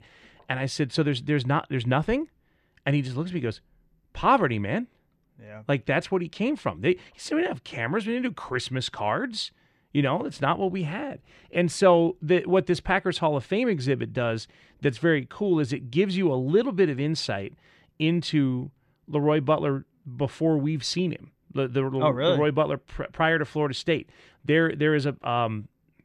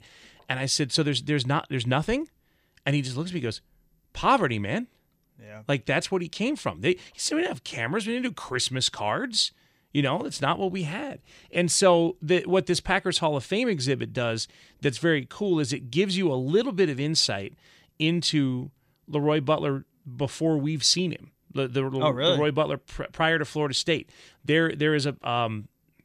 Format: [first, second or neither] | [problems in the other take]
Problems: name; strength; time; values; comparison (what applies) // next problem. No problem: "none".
second | muffled; slightly; fading above 3.5 kHz